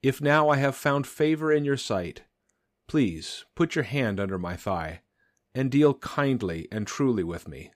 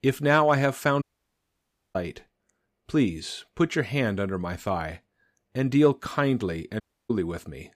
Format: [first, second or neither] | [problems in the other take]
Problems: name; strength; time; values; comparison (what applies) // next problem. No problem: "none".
first | audio cutting out; at 1 s for 1 s and at 7 s